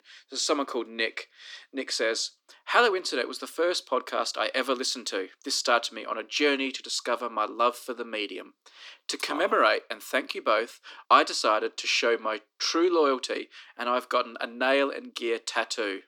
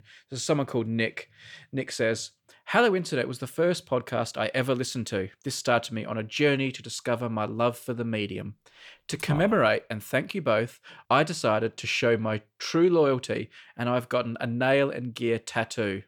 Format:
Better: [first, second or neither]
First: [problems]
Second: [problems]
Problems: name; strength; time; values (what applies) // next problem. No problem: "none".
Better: second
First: thin; somewhat; fading below 250 Hz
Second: none